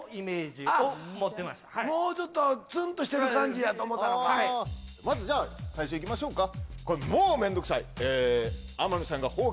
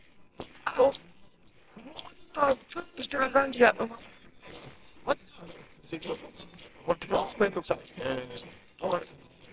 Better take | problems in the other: first | noise reduction (neural separator model SepFormer WHAMR!)

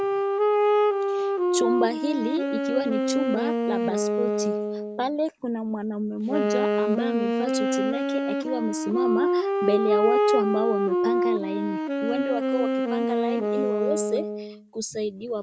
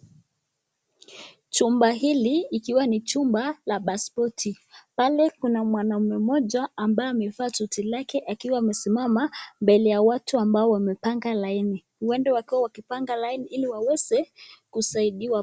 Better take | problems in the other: second | background sound (Wind instrument, woodwind instrument); 4 dB above the speech

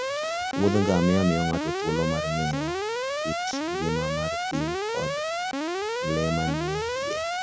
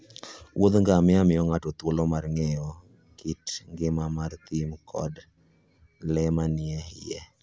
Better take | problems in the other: second | background sound (Alarm); as loud as the speech

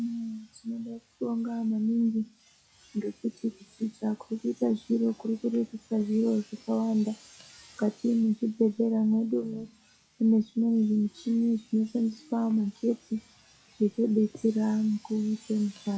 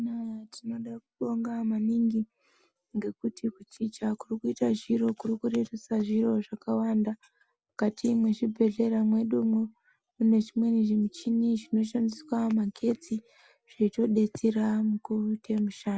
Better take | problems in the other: second | noise reduction (classical method log-MMSE)

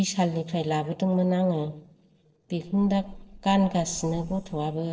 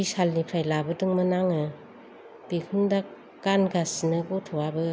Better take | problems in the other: second | noise reduction (neural separator model SepFormer DNS4)

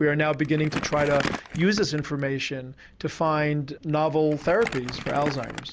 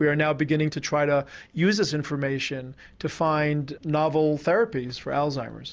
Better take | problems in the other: second | background sound (Crumpling, crinkling); 11 dB below the speech

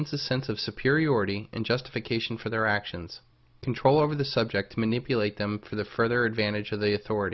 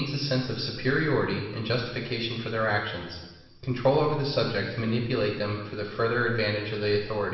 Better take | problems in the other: first | room echo; dies away in 1.2 s

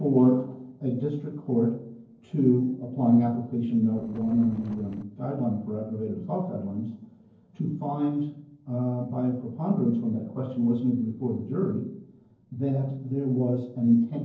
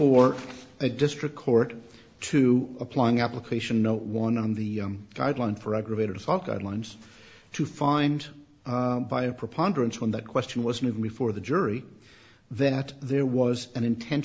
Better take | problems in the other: second | noise reduction (neural separator model SepFormer DNS4)

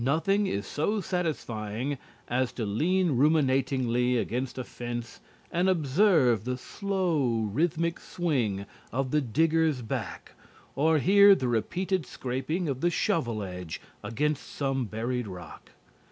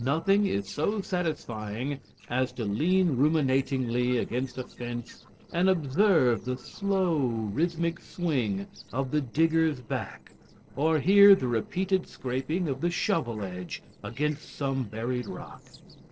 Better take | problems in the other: first | noise reduction (neural separator model SepFormer DNS4)

